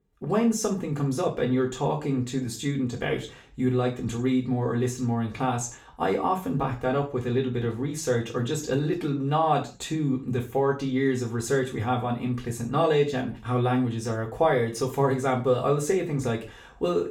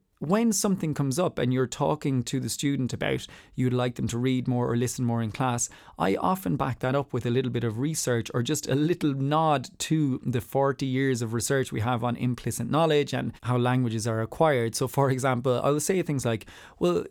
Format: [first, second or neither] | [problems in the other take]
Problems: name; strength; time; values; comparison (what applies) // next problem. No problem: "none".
second | room echo; slight; dies away in 0.3 s // off-mic speech; far